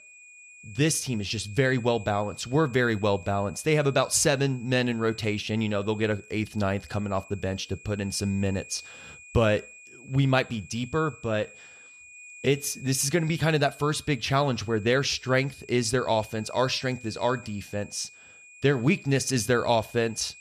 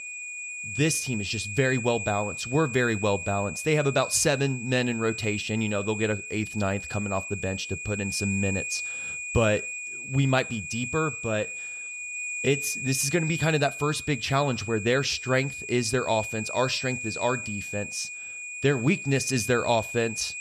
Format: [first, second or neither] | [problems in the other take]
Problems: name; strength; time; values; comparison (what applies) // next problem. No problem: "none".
first | high-pitched whine; loud; throughout; 2.5 kHz, 6 dB below the speech; faint in the first